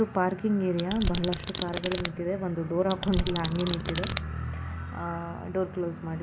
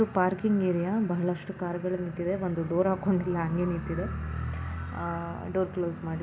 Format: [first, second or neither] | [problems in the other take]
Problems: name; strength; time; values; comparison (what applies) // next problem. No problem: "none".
second | background sound (Domestic sounds, home sounds); 4 dB below the speech